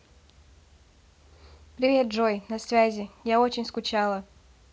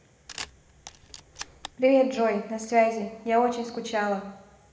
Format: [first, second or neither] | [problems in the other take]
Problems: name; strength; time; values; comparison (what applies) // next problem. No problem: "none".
first | background sound (Camera); 16 dB below the speech // room echo; dies away in 1 s